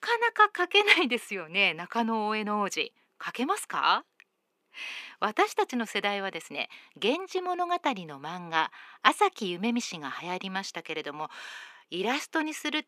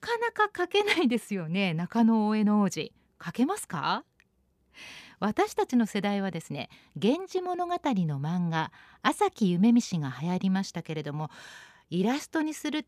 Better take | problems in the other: second | thin; somewhat; fading below 300 Hz

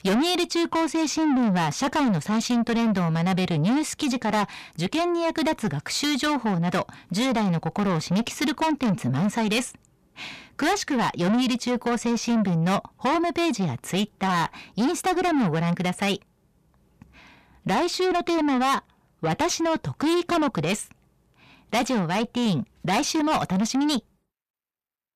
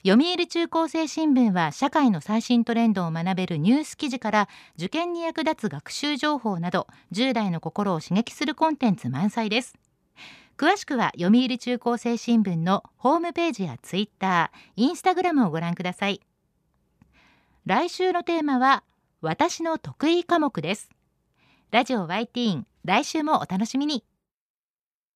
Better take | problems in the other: second | distortion; heavy; 6 dB below the speech

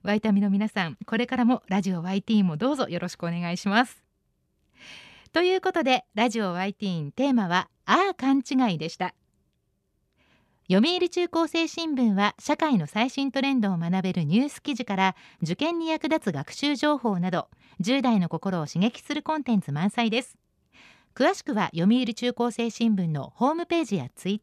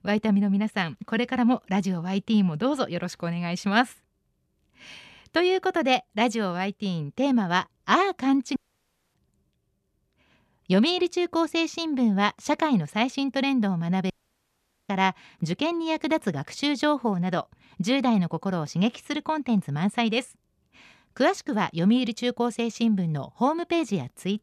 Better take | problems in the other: first | audio cutting out; at 8.5 s for 0.5 s and at 14 s for 1 s

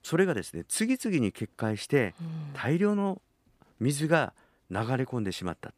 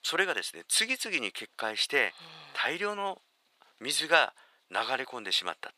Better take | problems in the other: first | thin; very; fading below 750 Hz

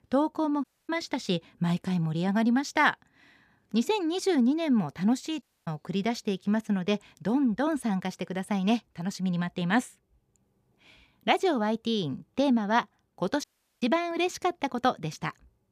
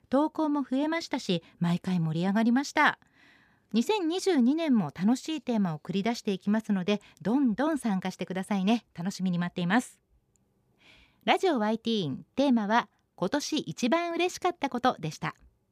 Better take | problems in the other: second | audio cutting out; at 0.5 s, at 5.5 s and at 13 s

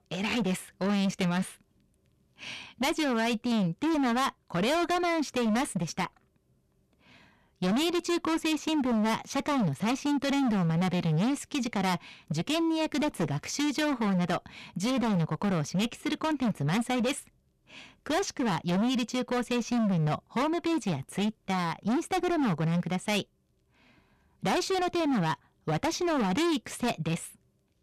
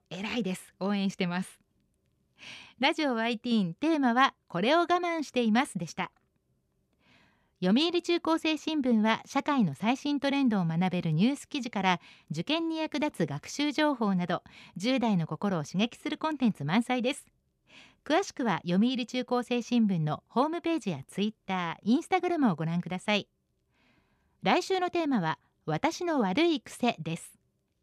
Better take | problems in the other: second | distortion; heavy; 24% of the sound clipped

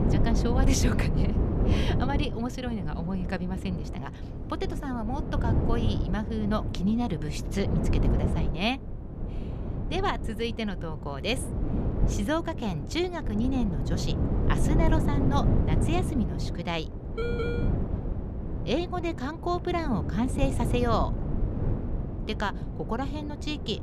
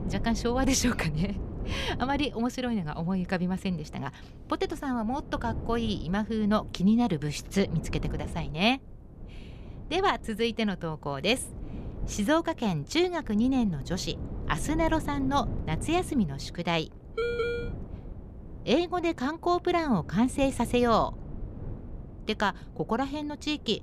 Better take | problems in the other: second | wind noise on the microphone; heavy; 6 dB below the speech; occasional gusts in the second

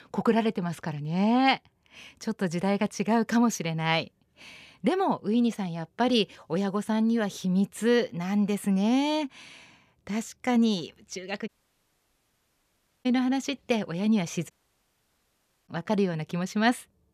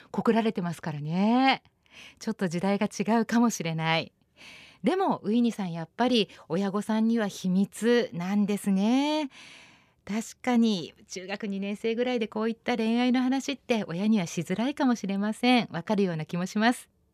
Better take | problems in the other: second | audio cutting out; at 11 s for 1.5 s and at 15 s for 1 s

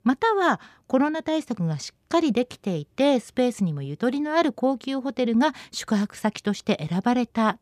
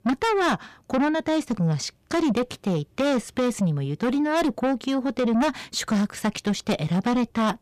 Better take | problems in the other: first | distortion; heavy; 7 dB below the speech

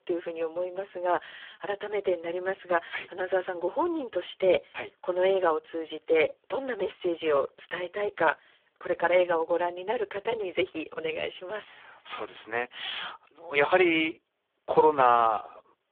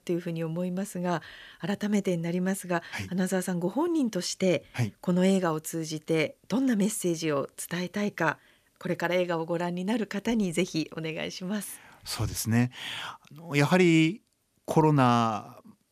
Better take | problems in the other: second | phone-call audio; poor line

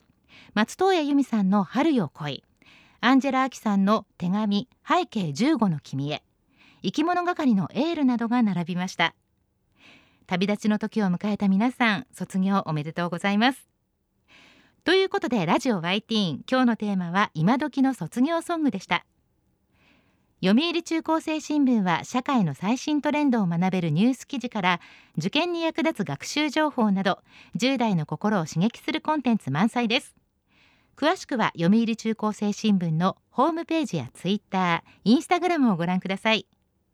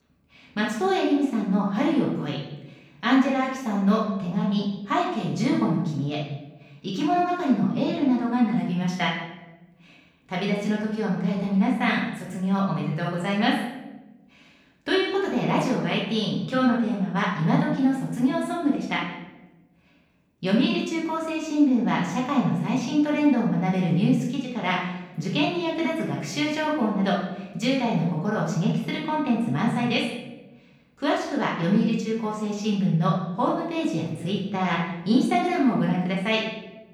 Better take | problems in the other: first | off-mic speech; far // room echo; noticeable; dies away in 0.9 s

